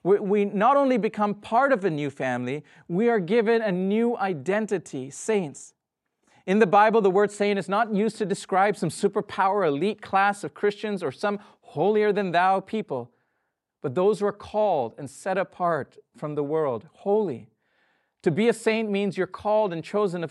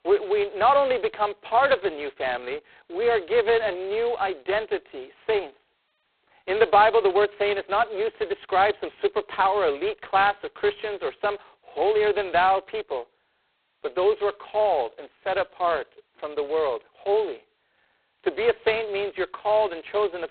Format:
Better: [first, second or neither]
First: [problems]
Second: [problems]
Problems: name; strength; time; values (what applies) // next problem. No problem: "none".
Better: first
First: none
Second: phone-call audio; poor line; nothing above 4 kHz